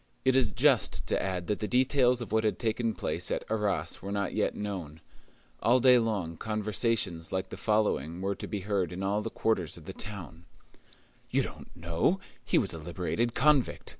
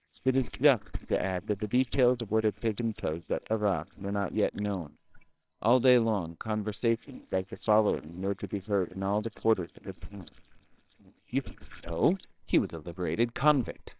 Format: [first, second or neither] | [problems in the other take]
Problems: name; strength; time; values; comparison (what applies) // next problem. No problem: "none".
first | noise reduction (neural separator model SepFormer WHAMR!)